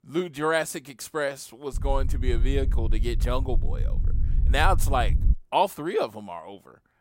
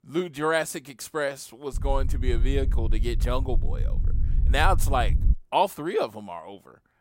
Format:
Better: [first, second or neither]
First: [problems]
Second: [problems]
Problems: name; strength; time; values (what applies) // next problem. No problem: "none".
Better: neither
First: low rumble; noticeable; from 1.5 to 5.5 s; 20 dB below the speech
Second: low rumble; noticeable; from 1.5 to 5.5 s; 20 dB below the speech